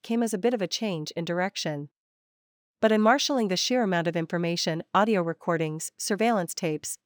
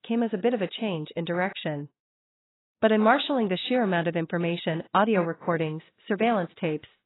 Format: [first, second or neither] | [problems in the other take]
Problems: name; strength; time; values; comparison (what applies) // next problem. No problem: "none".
first | garbled, watery; badly; nothing above 4 kHz